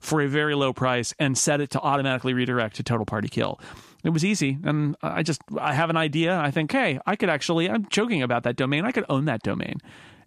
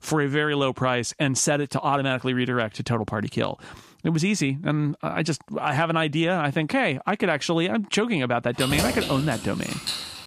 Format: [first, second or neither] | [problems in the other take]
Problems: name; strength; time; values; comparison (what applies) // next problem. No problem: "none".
first | jangling keys; noticeable; from 8.5 s on; peak 1 dB below the speech